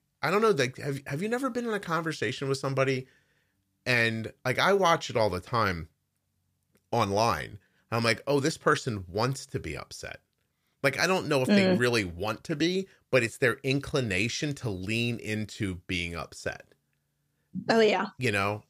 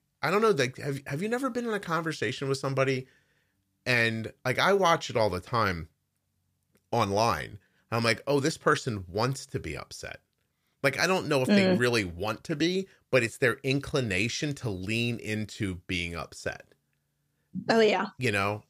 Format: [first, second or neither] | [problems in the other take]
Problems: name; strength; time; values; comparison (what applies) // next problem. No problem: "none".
neither | none